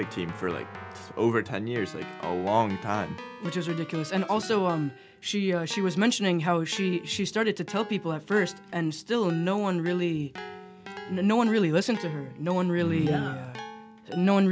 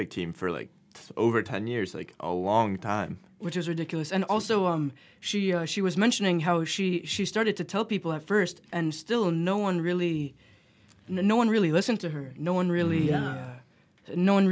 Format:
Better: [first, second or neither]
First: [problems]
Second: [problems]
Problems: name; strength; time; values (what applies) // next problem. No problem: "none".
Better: second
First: background sound (Keyboard (musical)); 16 dB below the speech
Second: none